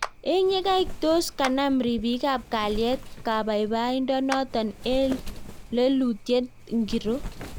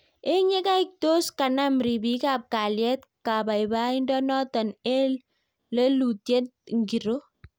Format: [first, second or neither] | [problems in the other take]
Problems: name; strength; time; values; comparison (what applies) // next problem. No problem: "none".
second | background sound (Clapping + Wind); 12 dB below the speech